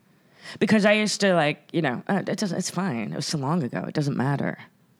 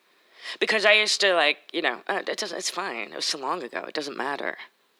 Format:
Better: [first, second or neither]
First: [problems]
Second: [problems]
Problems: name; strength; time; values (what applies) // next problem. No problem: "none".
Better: first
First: none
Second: thin; very; fading below 350 Hz